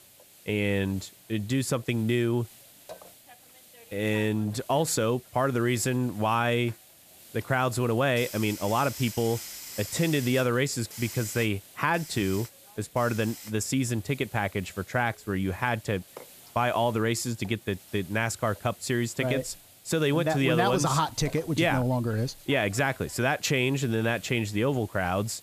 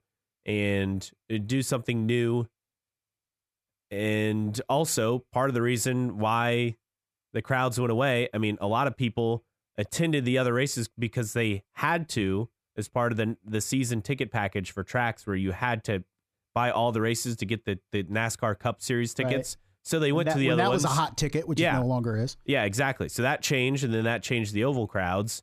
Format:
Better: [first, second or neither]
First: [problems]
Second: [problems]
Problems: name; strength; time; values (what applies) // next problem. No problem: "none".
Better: second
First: hiss; noticeable; throughout; 15 dB below the speech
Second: none